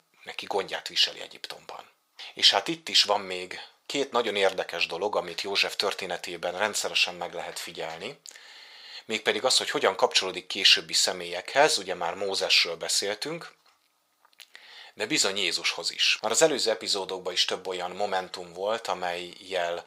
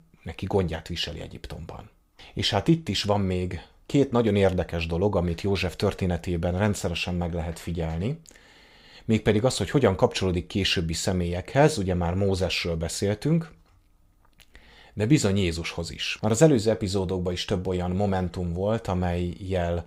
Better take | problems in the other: second | thin; very; fading below 700 Hz

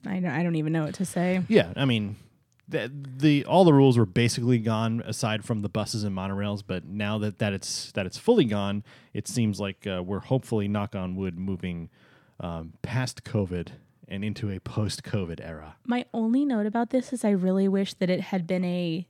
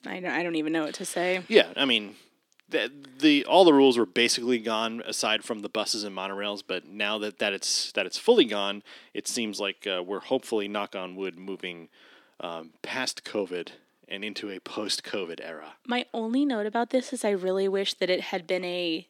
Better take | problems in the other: first | thin; somewhat; fading below 300 Hz

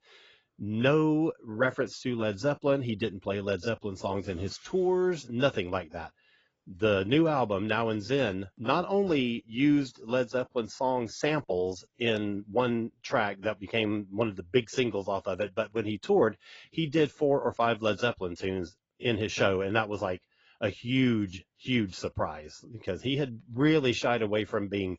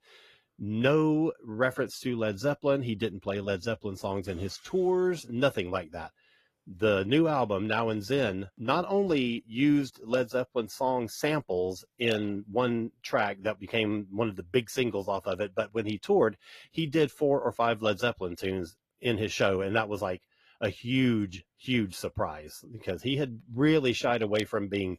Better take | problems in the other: second | garbled, watery; badly; nothing above 7.5 kHz; slightly in the second

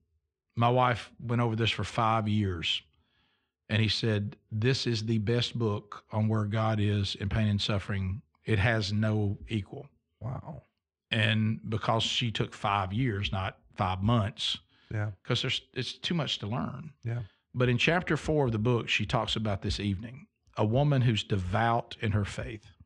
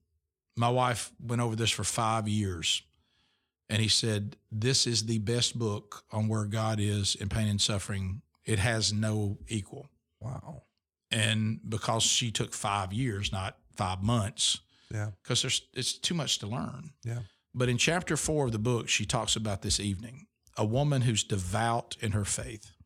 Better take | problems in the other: second | muffled; slightly; fading above 2.5 kHz

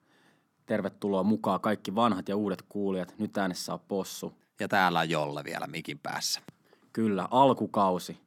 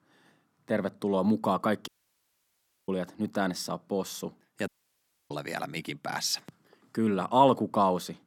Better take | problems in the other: first | audio cutting out; at 2 s for 1 s and at 4.5 s for 0.5 s

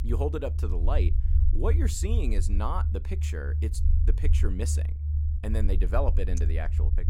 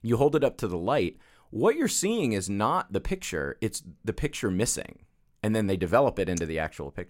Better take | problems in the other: second | low rumble; loud; throughout; 9 dB below the speech

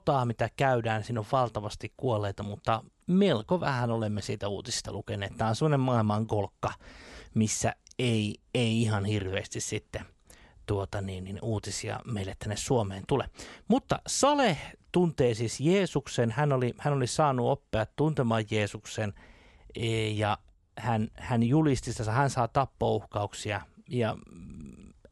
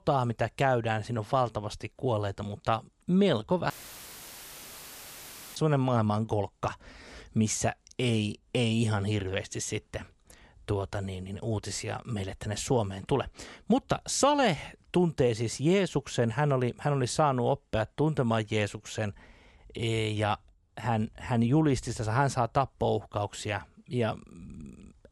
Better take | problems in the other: first | audio cutting out; filled with static; at 3.5 s for 2 s

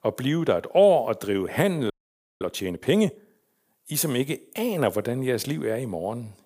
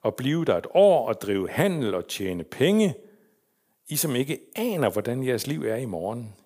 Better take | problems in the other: second | audio freezing; at 2 s for 0.5 s

